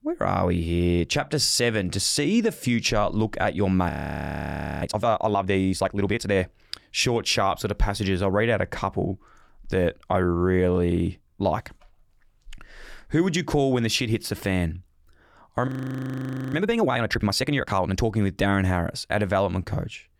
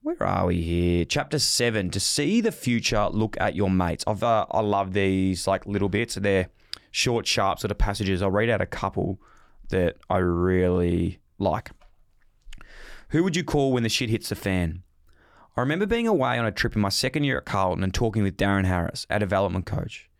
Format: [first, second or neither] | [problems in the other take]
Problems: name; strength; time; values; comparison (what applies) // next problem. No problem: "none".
second | audio freezing; at 4 s for 1 s and at 16 s for 1 s